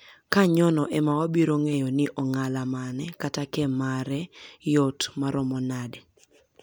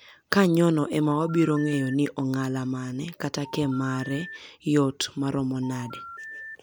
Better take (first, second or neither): first